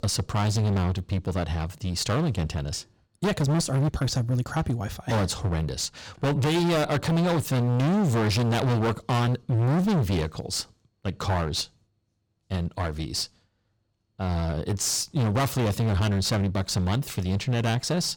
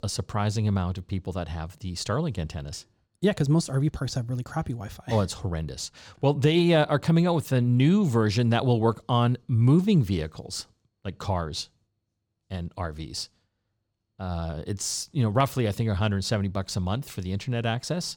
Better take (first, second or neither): second